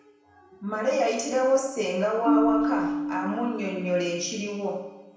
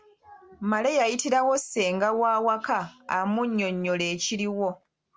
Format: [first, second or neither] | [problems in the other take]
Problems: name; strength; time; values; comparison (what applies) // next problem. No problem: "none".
second | background sound (Marimba, xylophone); 3 dB below the speech // room echo; dies away in 0.9 s